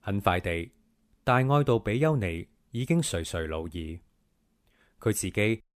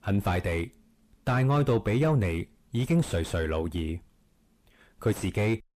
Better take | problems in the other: first | distortion; heavy; 6 dB below the speech

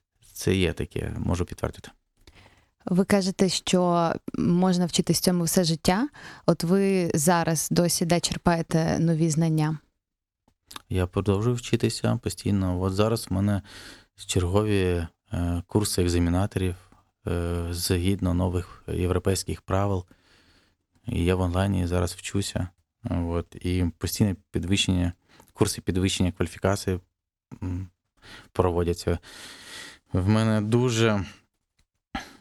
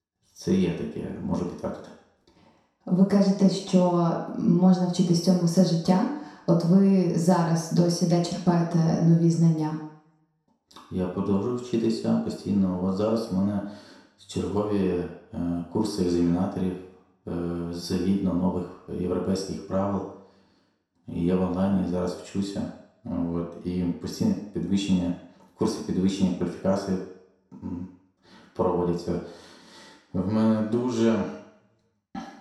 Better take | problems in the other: first | room echo; noticeable; dies away in 0.7 s // off-mic speech; far

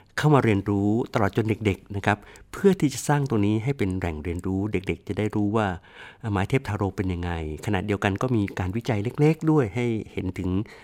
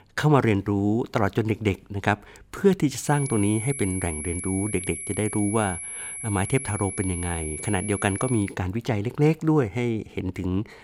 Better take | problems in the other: first | high-pitched whine; loud; from 3 to 8.5 s; 11 kHz, 7 dB below the speech

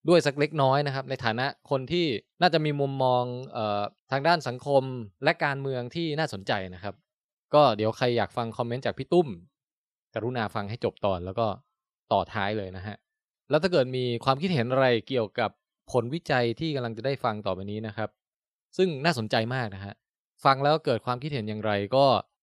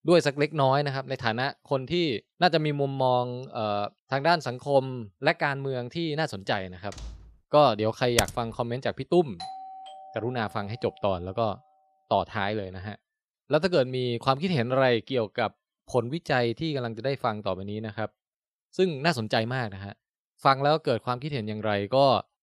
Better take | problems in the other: first | door banging; faint; at 7 s; peak 15 dB below the speech // keyboard typing; noticeable; at 8 s; peak 2 dB below the speech // doorbell; faint; from 9.5 to 11 s; peak 10 dB below the speech

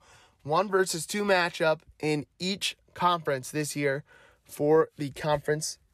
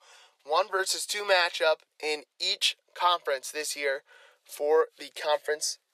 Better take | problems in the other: first | thin; very; fading below 500 Hz

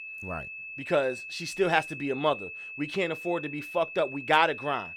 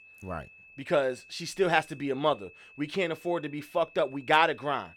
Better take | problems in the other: second | high-pitched whine; loud; throughout; 2.5 kHz, 10 dB below the speech; faint in the second

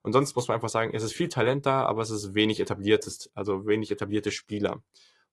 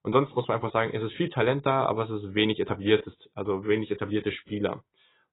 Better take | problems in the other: first | garbled, watery; badly; nothing above 3.5 kHz; slightly in the first

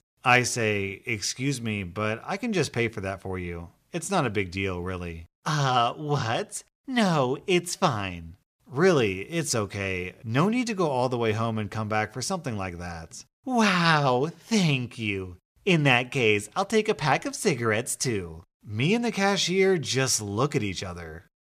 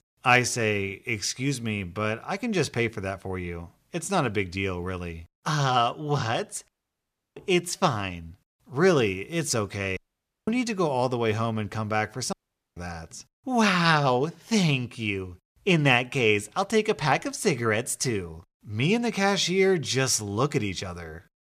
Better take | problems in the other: first | audio cutting out; at 6.5 s for 0.5 s, at 10 s for 0.5 s and at 12 s

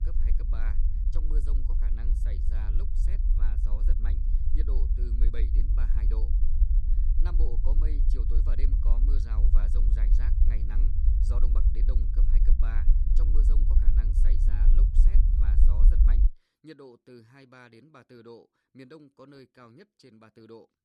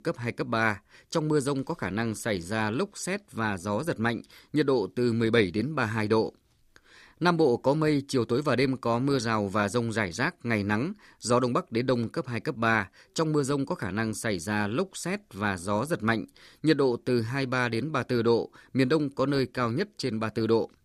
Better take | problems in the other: second | low rumble; loud; until 16 s; as loud as the speech

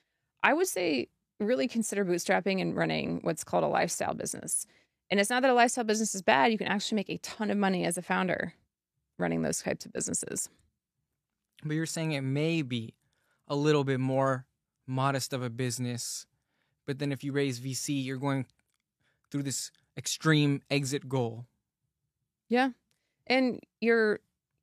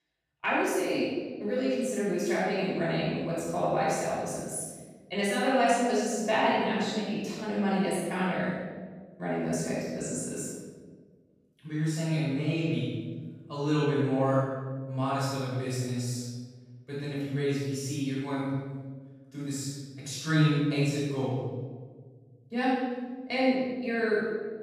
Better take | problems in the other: first | off-mic speech; far // room echo; strong; dies away in 1.5 s

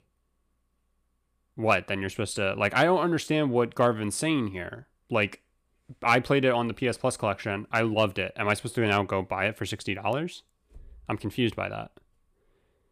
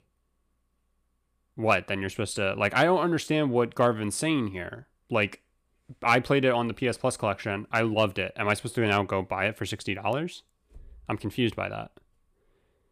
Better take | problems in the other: neither | none

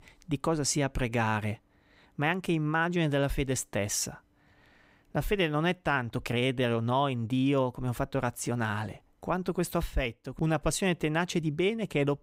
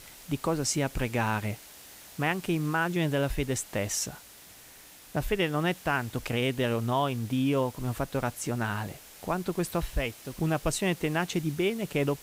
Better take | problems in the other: first | hiss; noticeable; throughout; 15 dB below the speech

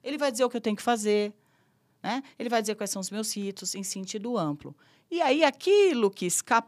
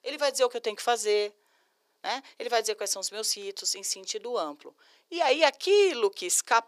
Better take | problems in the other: first | thin; very; fading below 400 Hz

